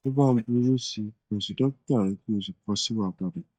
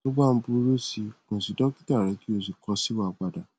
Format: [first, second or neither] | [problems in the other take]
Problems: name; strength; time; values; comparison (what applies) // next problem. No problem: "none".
second | noise reduction (neural mask model DeepFilterNet 3)